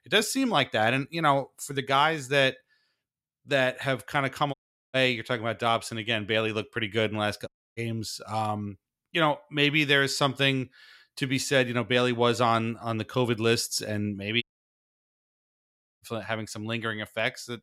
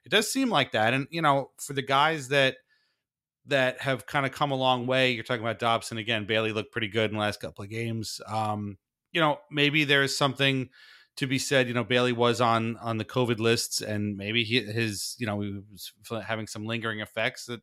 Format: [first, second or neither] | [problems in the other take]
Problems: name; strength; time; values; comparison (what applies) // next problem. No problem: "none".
second | audio cutting out; at 4.5 s, at 7.5 s and at 14 s for 1.5 s